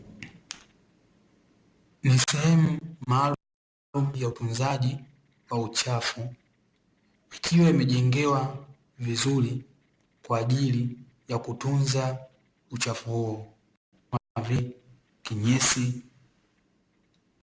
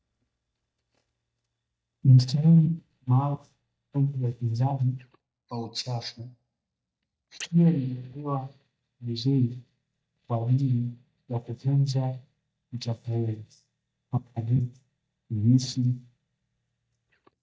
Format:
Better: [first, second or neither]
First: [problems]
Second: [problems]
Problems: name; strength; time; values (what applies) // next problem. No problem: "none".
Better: first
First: none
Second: noise reduction (neural mask model DeepFilterNet 3)